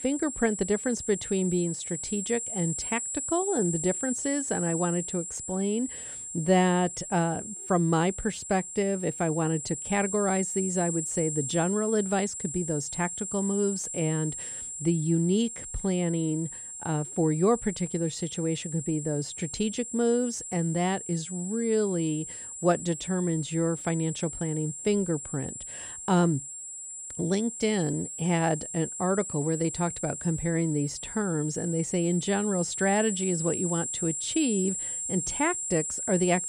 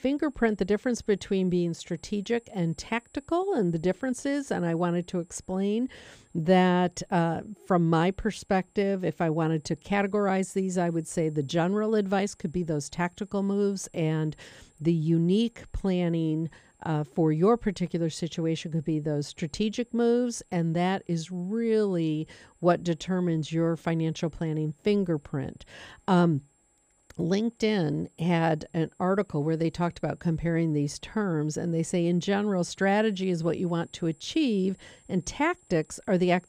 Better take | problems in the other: second | high-pitched whine; loud; throughout; 7.5 kHz, 5 dB below the speech; faint in the second

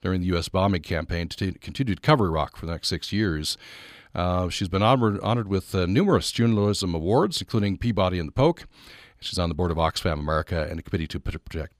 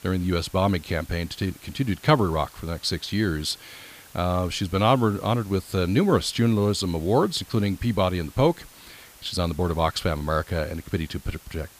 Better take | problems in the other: first | hiss; faint; throughout; 25 dB below the speech

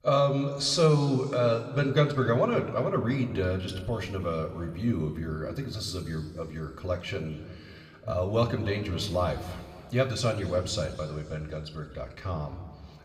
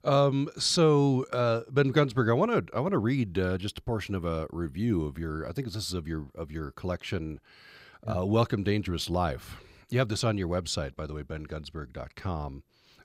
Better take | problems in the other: second | room echo; slight; dies away in 1.9 s // off-mic speech; somewhat distant

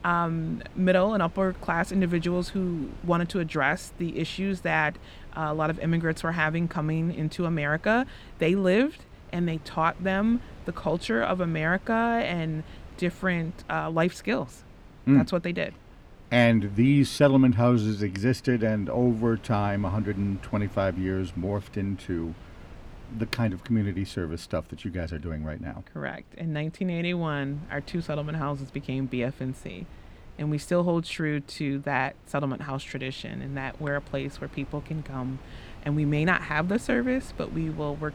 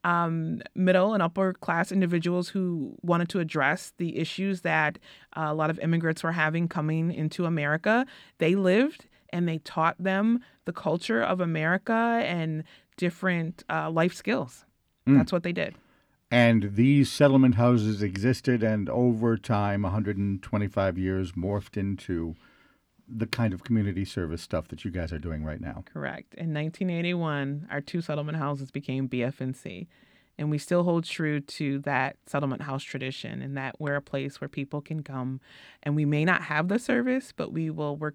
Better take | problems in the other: second | wind noise on the microphone; occasional gusts; 25 dB below the speech

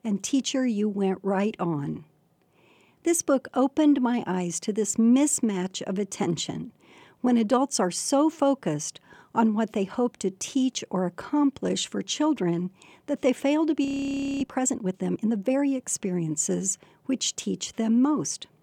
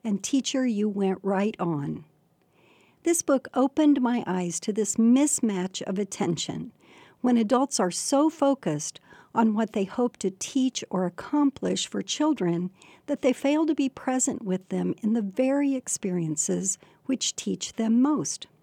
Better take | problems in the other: second | audio freezing; at 14 s for 0.5 s

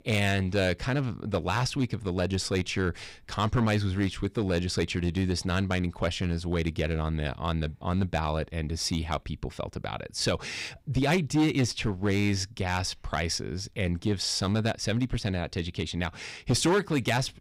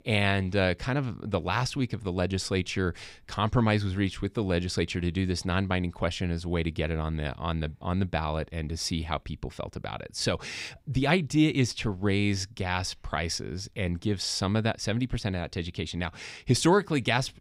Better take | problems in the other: second | distortion; slight; 4% of the sound clipped

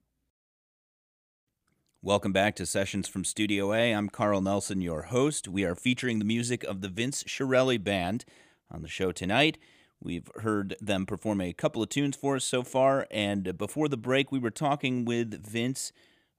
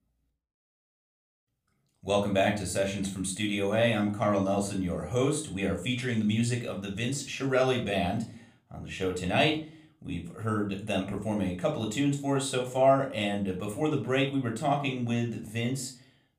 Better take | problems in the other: first | room echo; slight; dies away in 0.3 s // off-mic speech; somewhat distant

